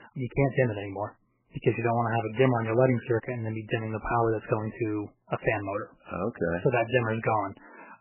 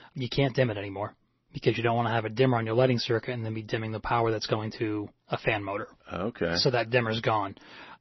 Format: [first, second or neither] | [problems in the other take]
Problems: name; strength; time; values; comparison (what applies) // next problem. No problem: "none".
second | garbled, watery; badly; nothing above 3 kHz; slightly in the second